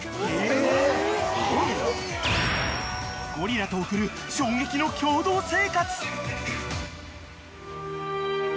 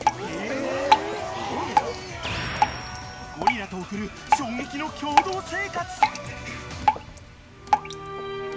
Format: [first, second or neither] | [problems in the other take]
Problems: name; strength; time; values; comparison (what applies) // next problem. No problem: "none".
first | background sound (Drip); 4 dB above the speech